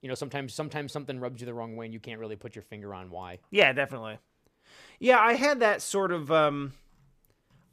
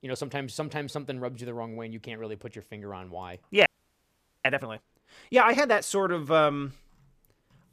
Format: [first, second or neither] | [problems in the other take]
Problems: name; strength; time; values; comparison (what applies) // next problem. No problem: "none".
first | audio freezing; at 3.5 s for 1 s